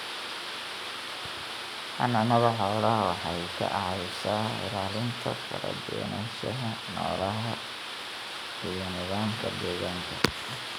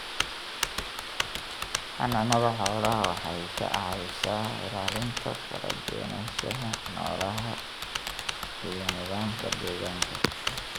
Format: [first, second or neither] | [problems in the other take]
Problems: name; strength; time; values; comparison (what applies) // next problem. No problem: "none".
first | background sound (Typing); 5 dB below the speech